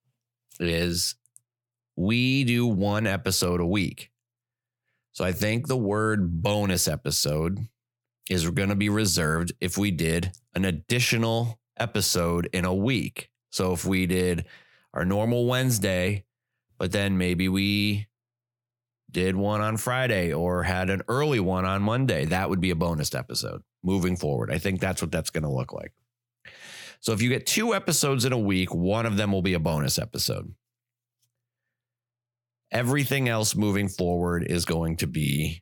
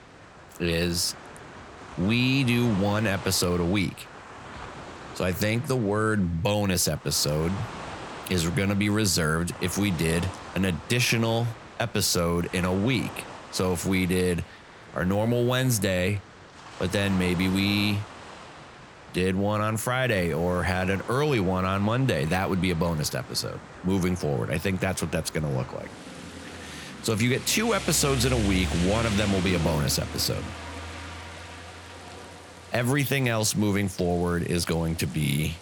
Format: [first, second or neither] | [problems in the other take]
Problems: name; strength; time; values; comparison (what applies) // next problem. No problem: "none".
first | rain or running water; noticeable; throughout; 15 dB below the speech